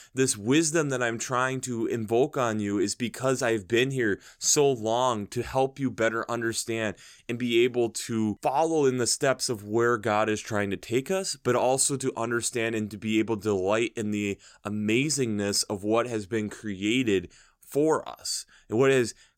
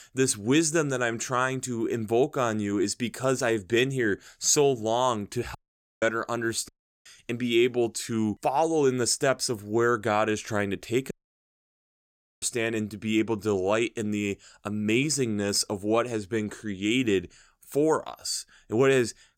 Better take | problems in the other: first | audio cutting out; at 5.5 s, at 6.5 s and at 11 s for 1.5 s

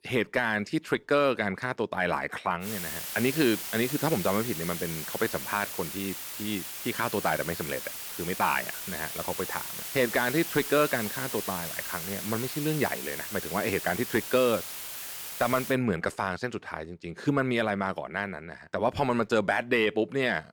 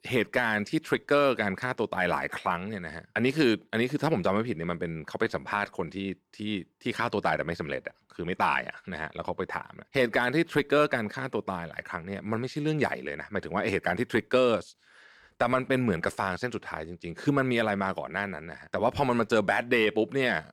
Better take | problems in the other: second | hiss; loud; from 2.5 to 16 s; 5 dB below the speech

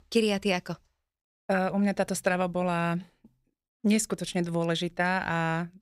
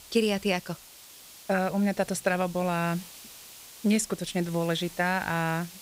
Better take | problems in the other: first | hiss; noticeable; throughout; 15 dB below the speech

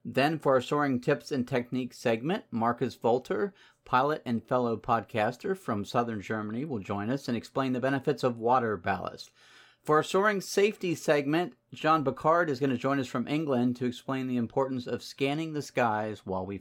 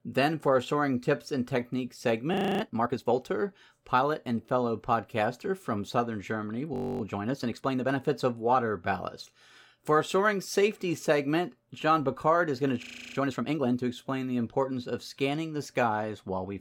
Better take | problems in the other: first | audio freezing; at 2.5 s, at 6.5 s and at 13 s

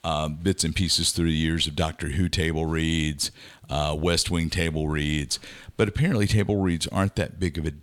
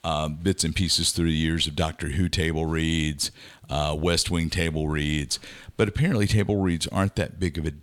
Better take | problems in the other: neither | none

